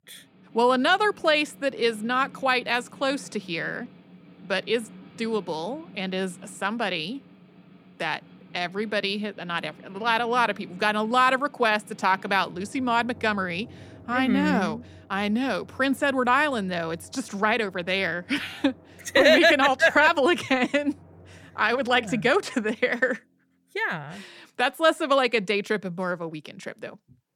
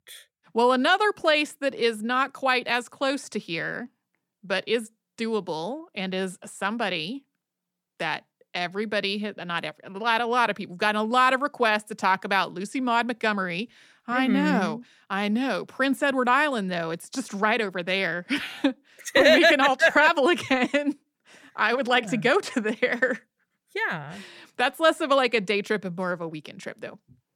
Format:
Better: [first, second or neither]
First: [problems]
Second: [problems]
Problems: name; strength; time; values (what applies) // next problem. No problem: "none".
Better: second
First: background music; faint; throughout; 25 dB below the speech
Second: none